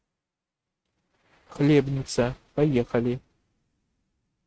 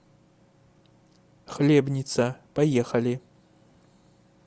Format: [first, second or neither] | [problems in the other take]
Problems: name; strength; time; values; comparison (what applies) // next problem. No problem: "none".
second | noise reduction (neural mask model RNNoise)